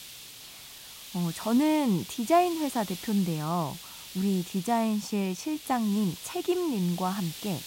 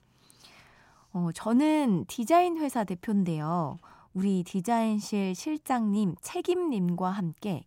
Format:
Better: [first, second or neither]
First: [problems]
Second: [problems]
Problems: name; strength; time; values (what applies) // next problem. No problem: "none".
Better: second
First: hiss; noticeable; throughout; 10 dB below the speech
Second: none